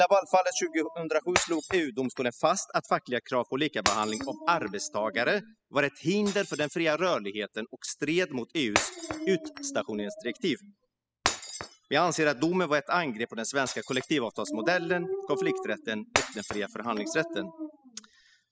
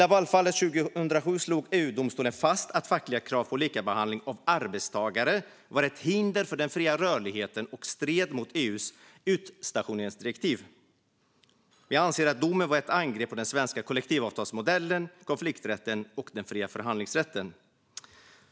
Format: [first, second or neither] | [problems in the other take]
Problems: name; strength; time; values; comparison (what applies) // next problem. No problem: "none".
second | noise reduction (classical method spectral subtraction)